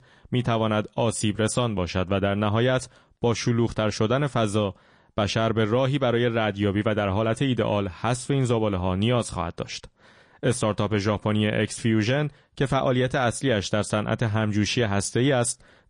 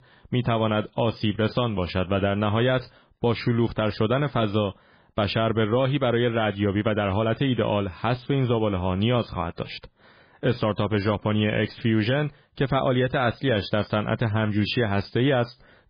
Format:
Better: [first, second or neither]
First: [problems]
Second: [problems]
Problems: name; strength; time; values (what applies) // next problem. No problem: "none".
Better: first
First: garbled, watery; slightly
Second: garbled, watery; badly; nothing above 5 kHz